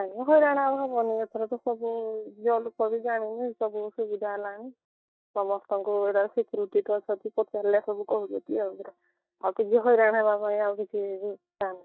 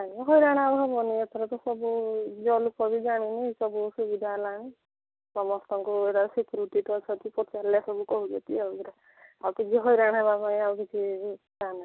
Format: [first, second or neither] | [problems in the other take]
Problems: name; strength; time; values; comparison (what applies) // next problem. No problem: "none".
second | noise reduction (neural mask model DeepFilterNet 3)